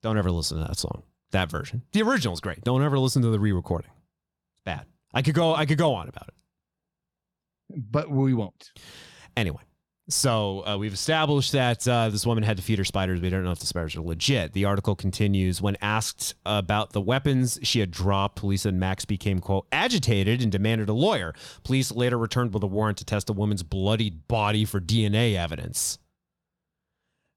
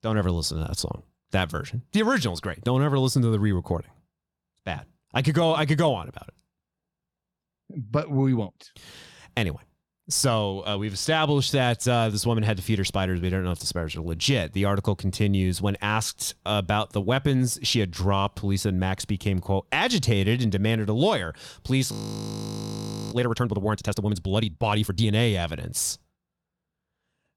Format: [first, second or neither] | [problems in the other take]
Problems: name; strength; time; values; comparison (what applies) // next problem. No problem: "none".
first | audio freezing; at 22 s for 1 s